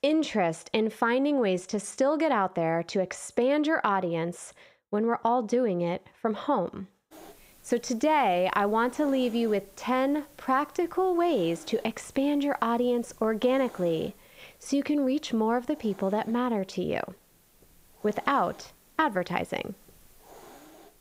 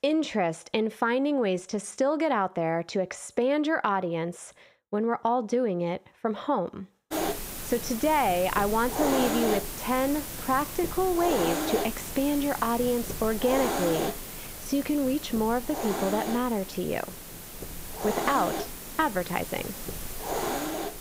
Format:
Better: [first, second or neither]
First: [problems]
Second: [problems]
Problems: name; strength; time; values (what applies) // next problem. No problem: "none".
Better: first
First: hiss; faint; from 7 s on; 25 dB below the speech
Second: hiss; loud; from 7 s on; 5 dB below the speech